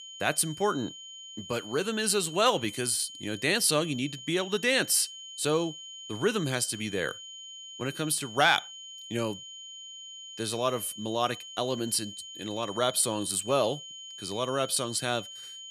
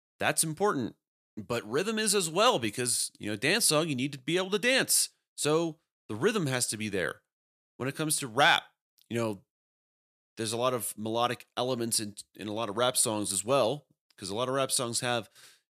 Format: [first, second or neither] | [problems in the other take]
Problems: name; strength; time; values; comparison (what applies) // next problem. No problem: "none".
second | high-pitched whine; noticeable; throughout; 3 kHz, 15 dB below the speech